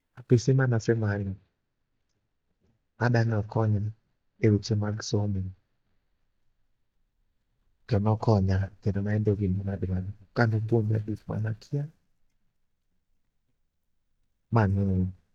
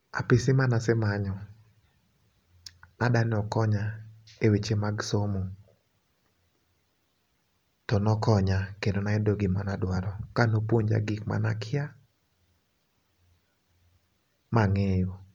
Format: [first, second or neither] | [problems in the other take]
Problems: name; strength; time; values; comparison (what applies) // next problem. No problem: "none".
second | noise reduction (neural mask model DeepFilterNet 3)